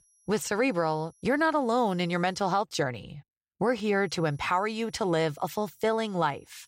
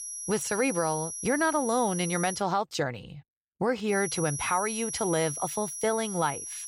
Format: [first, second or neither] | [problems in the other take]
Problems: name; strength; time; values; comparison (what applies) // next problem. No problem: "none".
first | high-pitched whine; loud; until 2.5 s and from 4 s on; 11 kHz, 5 dB below the speech; faint in the first